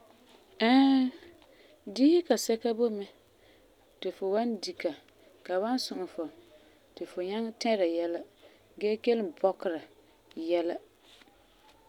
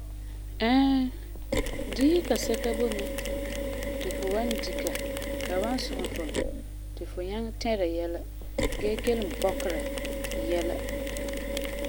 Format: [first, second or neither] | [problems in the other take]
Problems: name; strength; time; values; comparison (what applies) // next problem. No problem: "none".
first | background sound (Mechanisms); 1 dB below the speech